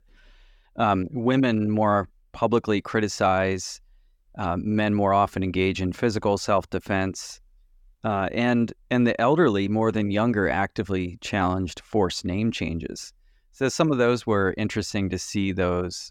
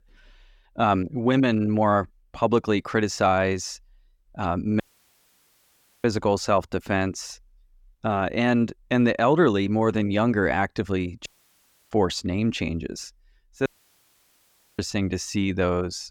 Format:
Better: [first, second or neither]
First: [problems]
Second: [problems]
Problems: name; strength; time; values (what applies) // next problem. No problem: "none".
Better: first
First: none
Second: audio cutting out; at 5 s for 1 s, at 11 s for 0.5 s and at 14 s for 1 s